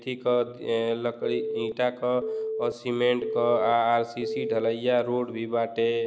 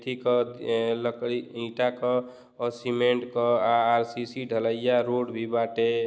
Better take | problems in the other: second | background sound (Telephone); 6 dB below the speech

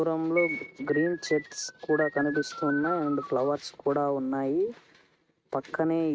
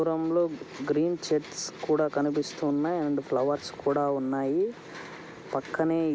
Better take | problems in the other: second | noise reduction (neural mask model RNNoise)

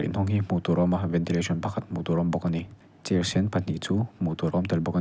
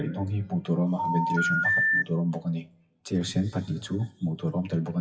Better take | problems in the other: first | noise reduction (classical method WPE with log-MMSE)

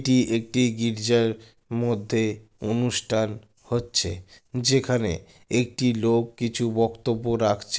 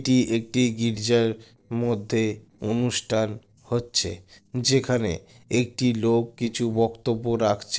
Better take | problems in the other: first | noise reduction (neural separator model SepFormer DNS4)

